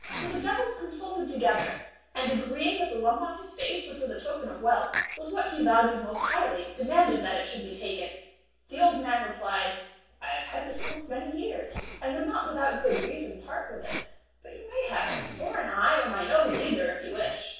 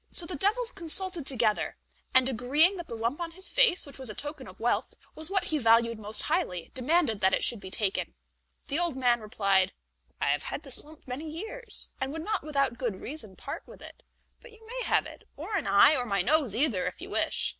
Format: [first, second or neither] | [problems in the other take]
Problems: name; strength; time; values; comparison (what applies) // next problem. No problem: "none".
second | background sound (Respiratory sounds); 12 dB below the speech // room echo; dies away in 0.7 s